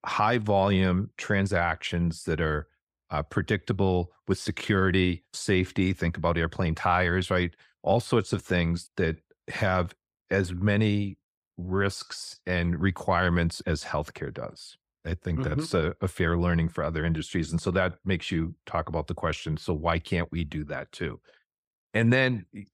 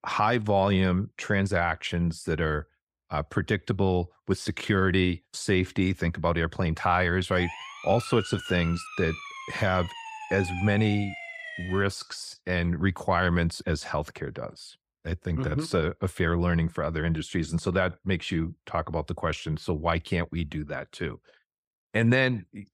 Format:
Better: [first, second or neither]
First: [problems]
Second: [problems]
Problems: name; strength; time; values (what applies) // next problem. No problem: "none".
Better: first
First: none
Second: siren; noticeable; from 7.5 to 12 s; peak 8 dB below the speech